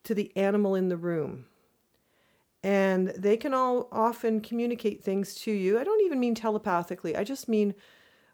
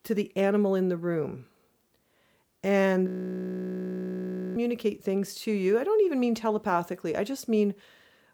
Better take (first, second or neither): first